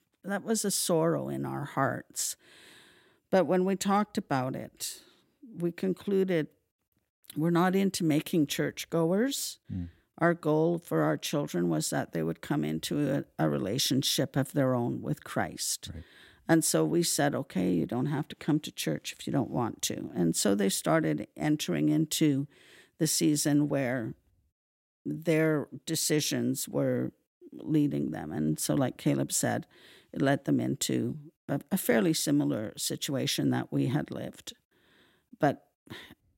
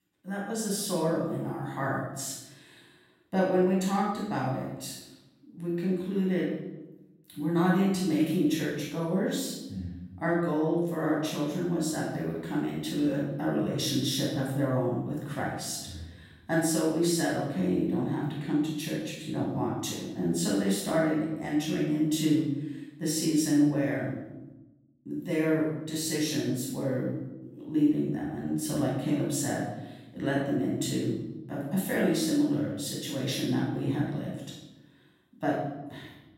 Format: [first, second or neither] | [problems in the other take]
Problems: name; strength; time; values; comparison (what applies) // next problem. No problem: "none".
first | off-mic speech; far // room echo; noticeable; dies away in 0.9 s